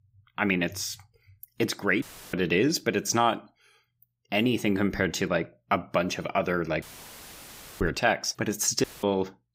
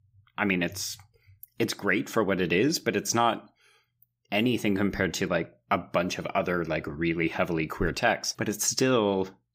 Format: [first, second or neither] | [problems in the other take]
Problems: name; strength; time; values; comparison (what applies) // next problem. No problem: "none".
second | audio cutting out; filled with static; at 2 s, at 7 s for 1 s and at 9 s